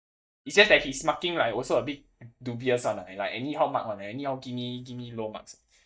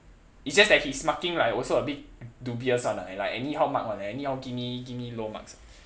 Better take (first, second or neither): second